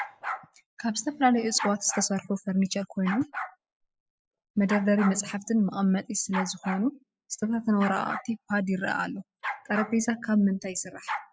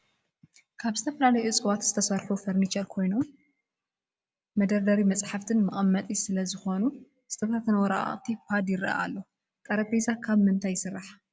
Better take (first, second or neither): second